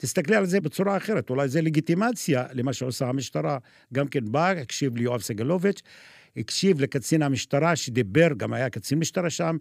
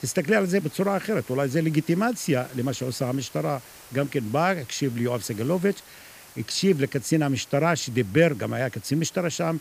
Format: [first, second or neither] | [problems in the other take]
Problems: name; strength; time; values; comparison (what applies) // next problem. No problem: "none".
first | hiss; faint; throughout; 20 dB below the speech